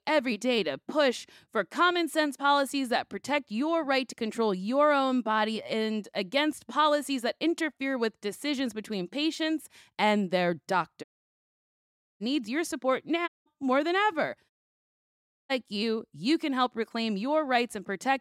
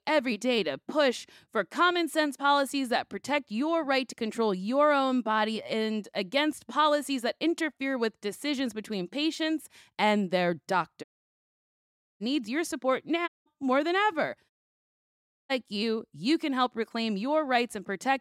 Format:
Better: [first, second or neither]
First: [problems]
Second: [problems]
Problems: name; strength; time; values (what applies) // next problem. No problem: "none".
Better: neither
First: audio cutting out; at 11 s for 1 s, at 13 s and at 15 s for 1 s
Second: audio cutting out; at 11 s for 1 s, at 13 s and at 15 s for 1 s